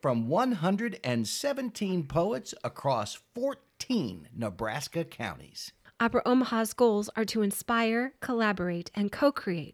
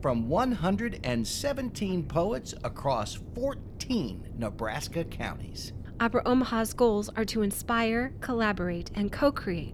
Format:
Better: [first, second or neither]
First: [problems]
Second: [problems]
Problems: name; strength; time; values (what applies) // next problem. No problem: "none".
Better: first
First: none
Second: wind noise on the microphone; occasional gusts; 20 dB below the speech